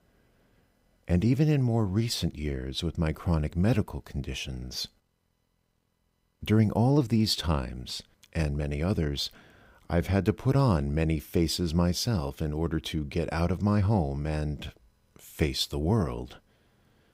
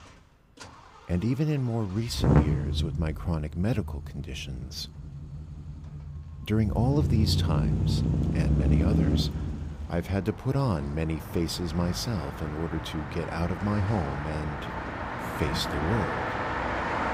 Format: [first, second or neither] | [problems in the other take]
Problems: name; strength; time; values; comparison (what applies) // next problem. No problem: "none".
first | traffic noise; very loud; throughout; 1 dB above the speech